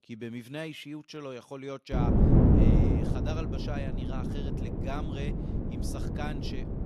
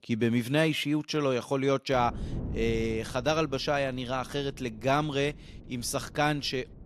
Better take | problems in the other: second | wind noise on the microphone; heavy; from 2 s on; 5 dB above the speech; occasional gusts in the second

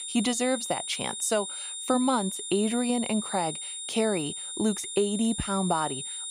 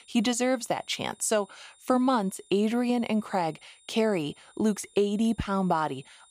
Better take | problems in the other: second | high-pitched whine; loud; throughout; 9.5 kHz, 5 dB below the speech; faint in the second

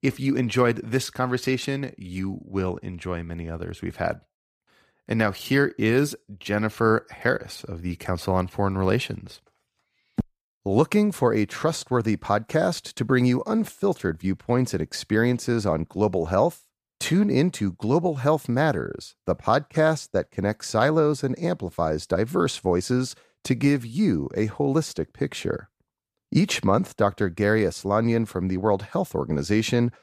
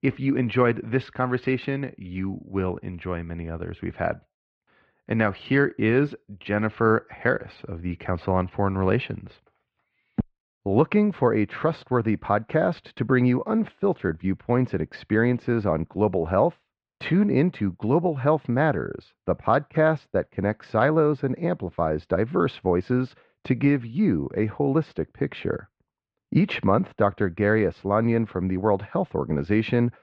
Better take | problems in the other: first | muffled; very; fading above 3 kHz

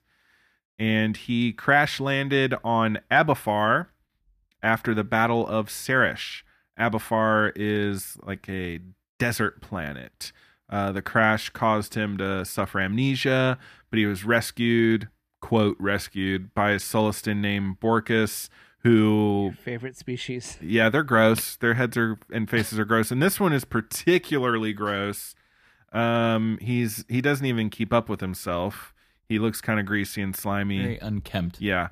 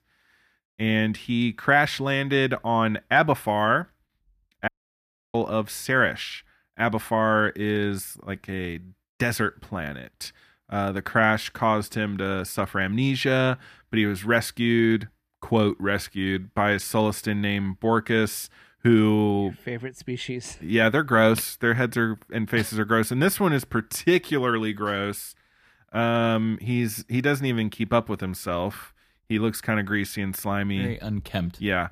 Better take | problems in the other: first | audio cutting out; at 4.5 s for 0.5 s

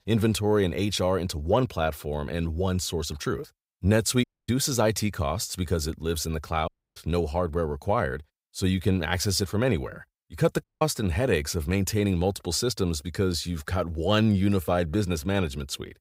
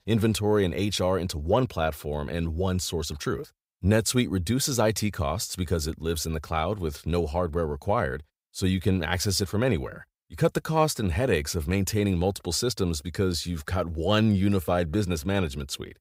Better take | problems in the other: second | audio cutting out; at 4 s, at 6.5 s and at 11 s

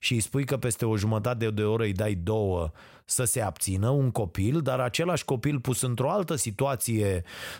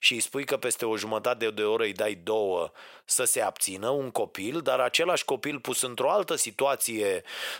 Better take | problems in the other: first | thin; very; fading below 500 Hz

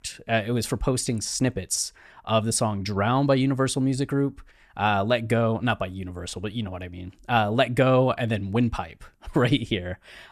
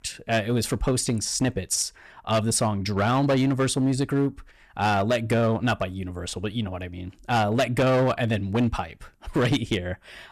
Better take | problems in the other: first | distortion; slight; 7% of the sound clipped

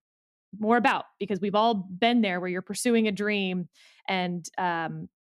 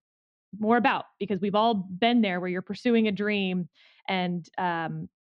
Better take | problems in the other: first | muffled; very slightly; fading above 4 kHz

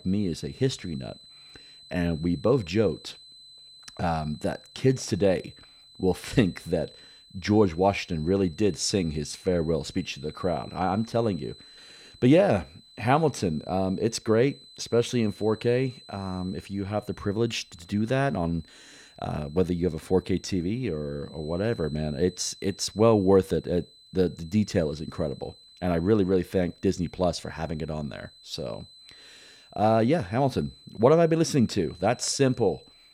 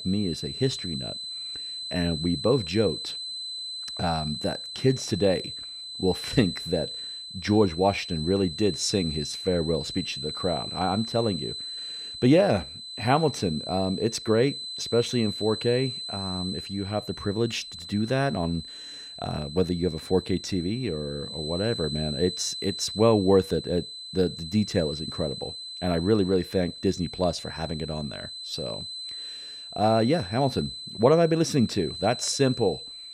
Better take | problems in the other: first | high-pitched whine; loud; throughout; 4 kHz, 8 dB below the speech; faint in the first

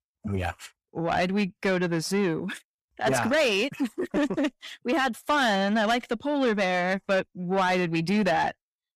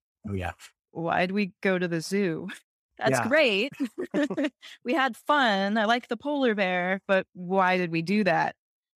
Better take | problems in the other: second | distortion; slight; 10 dB below the speech

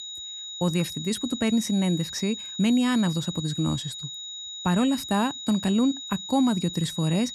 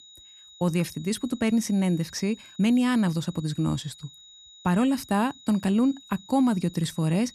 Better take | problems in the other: second | high-pitched whine; loud; throughout; 4 kHz, 9 dB below the speech; faint in the second

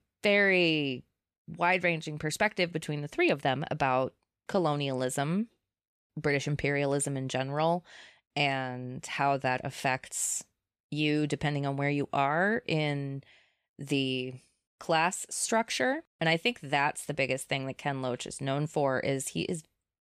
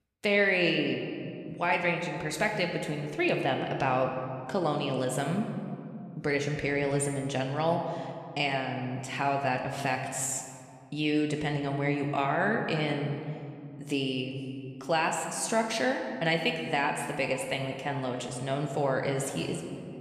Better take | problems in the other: first | room echo; slight; dies away in 1.9 s

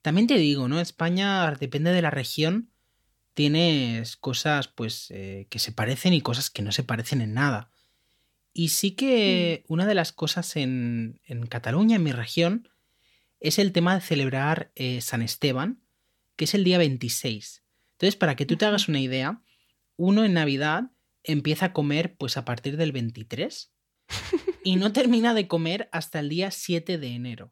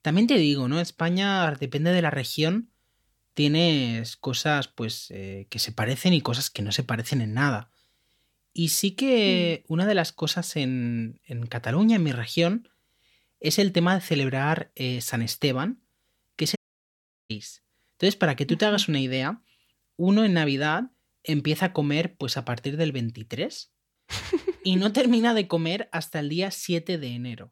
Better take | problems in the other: first | audio cutting out; at 17 s for 0.5 s

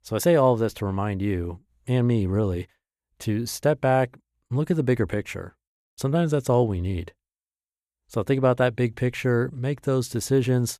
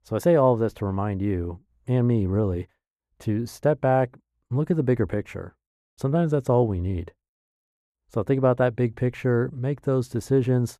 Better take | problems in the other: first | muffled; slightly; fading above 2 kHz

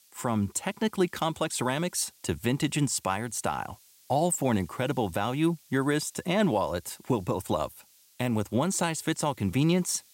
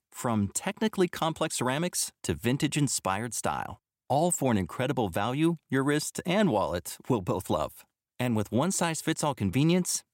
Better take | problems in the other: second | hiss; faint; throughout; 30 dB below the speech

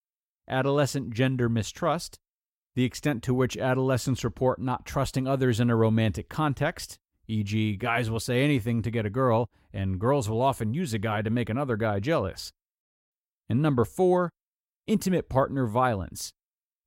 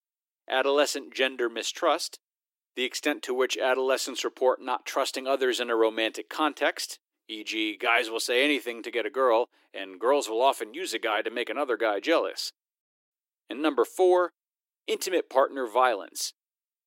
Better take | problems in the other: first | thin; very; fading below 300 Hz

